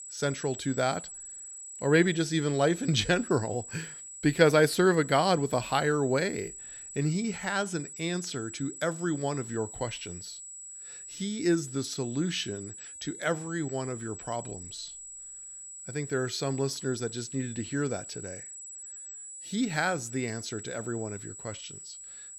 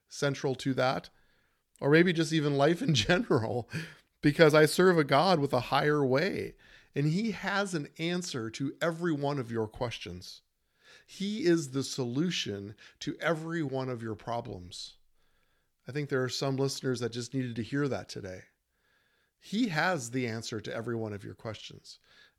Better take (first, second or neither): second